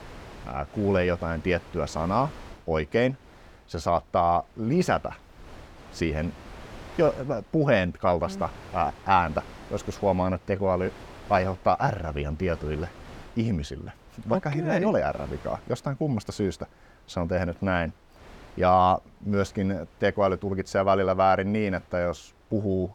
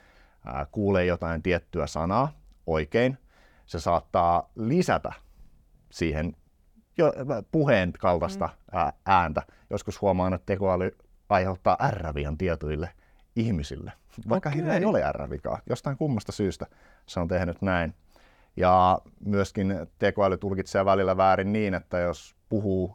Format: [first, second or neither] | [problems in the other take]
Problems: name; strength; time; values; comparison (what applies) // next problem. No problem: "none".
second | wind noise on the microphone; occasional gusts; 20 dB below the speech